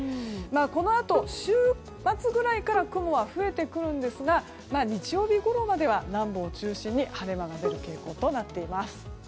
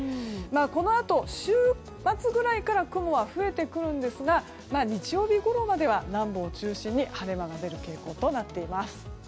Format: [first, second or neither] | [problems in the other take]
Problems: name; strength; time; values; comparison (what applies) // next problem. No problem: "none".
second | background sound (Bowed string instrument); 11 dB below the speech